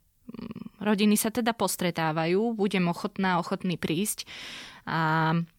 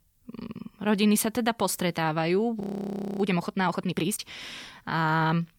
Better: first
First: none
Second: audio freezing; at 2.5 s for 0.5 s

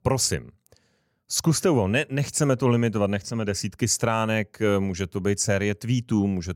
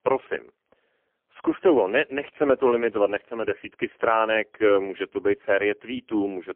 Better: first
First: none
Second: phone-call audio; poor line; nothing above 3 kHz

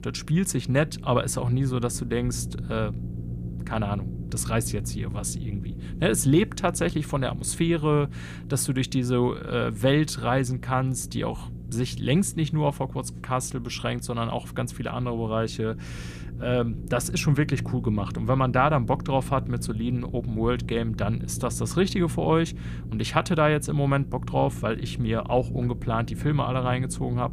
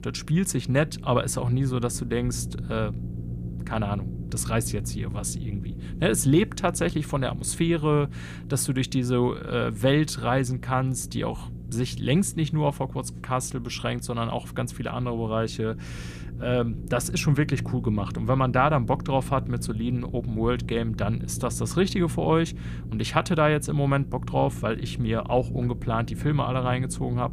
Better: neither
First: low rumble; noticeable; throughout; 20 dB below the speech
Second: low rumble; noticeable; throughout; 20 dB below the speech

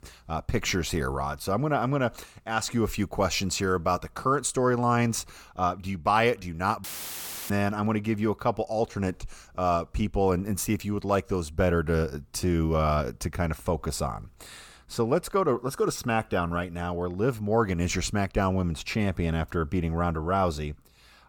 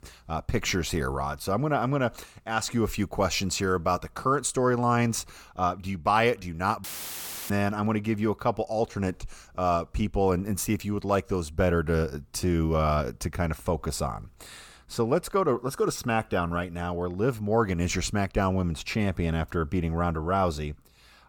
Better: neither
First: audio cutting out; filled with static; at 7 s for 0.5 s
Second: audio cutting out; filled with static; at 7 s for 0.5 s

